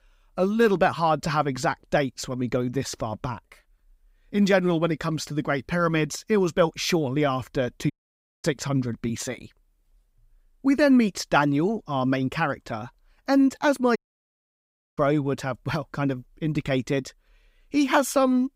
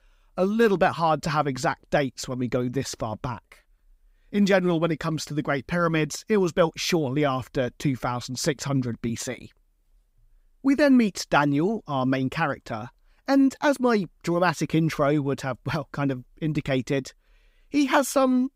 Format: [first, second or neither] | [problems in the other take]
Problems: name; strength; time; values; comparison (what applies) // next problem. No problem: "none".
second | audio cutting out; at 8 s for 0.5 s and at 14 s for 1 s